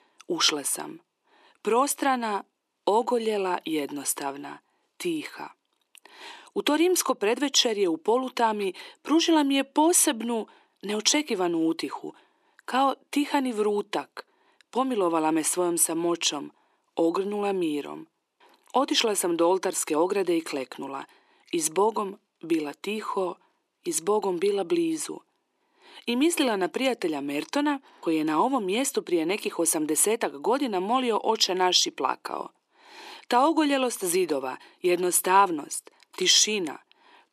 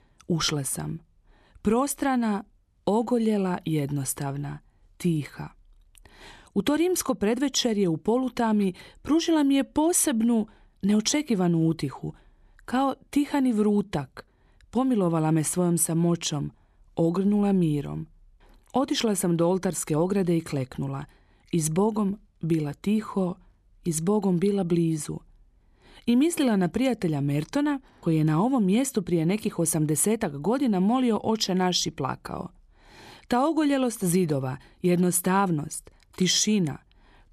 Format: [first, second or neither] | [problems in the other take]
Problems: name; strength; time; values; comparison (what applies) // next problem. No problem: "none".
second | thin; somewhat; fading below 300 Hz